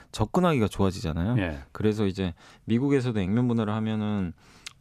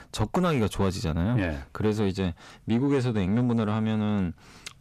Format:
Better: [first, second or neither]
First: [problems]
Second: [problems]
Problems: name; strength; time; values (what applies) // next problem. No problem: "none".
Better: first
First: none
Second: distortion; slight; 10 dB below the speech